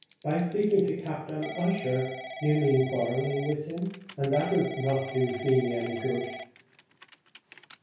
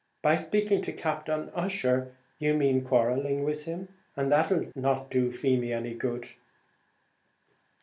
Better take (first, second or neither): second